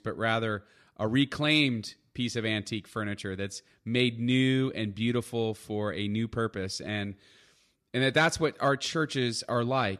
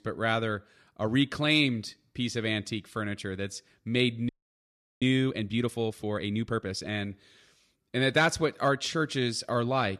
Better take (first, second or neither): first